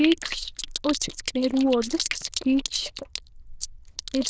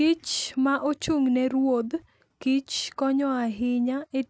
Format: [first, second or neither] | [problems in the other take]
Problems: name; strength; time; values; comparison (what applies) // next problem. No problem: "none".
second | noise reduction (neural diffusion model UNIVERSE++)